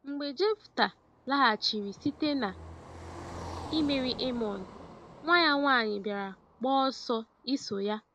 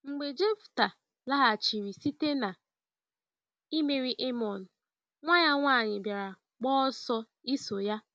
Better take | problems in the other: second | background sound (Car passing by); 16 dB below the speech

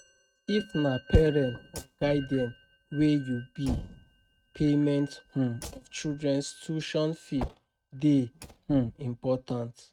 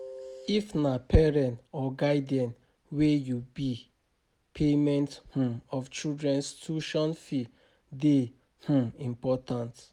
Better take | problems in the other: second | noise reduction (neural mask model RNNoise)

